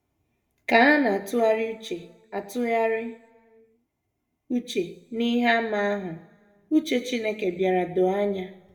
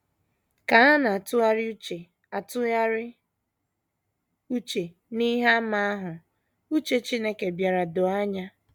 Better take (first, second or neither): second